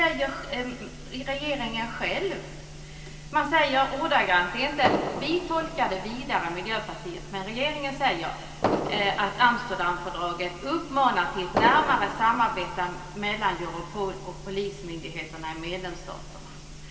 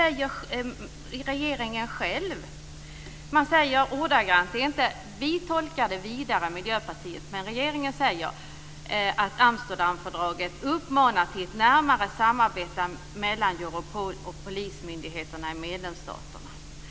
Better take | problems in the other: second | background sound (Fireworks); 6 dB below the speech // room echo; dies away in 2.8 s

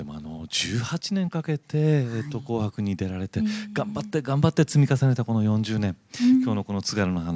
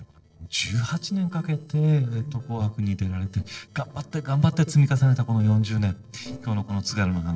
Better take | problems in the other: first | noise reduction (neural separator model SepFormer DNS4)

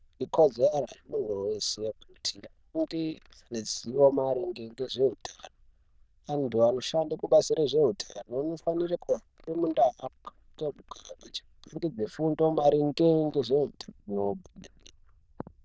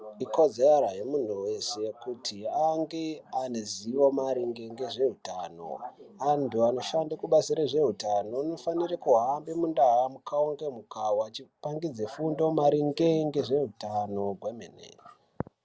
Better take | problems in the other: second | noise reduction (neural diffusion model UNIVERSE++)

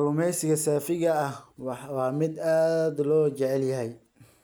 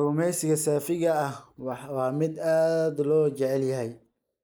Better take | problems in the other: first | noise reduction (neural mask model Resemble Enhance denoiser)

